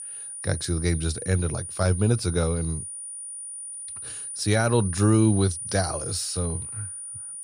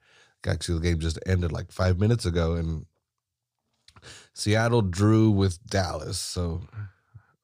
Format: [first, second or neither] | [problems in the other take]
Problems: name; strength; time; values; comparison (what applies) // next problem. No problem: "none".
second | high-pitched whine; loud; throughout; 9.5 kHz, 8 dB below the speech